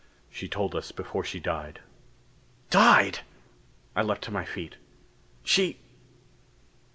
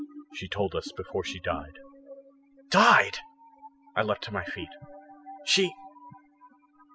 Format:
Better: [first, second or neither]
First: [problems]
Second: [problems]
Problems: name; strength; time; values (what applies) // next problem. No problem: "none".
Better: first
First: none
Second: noise reduction (classical method spectral subtraction)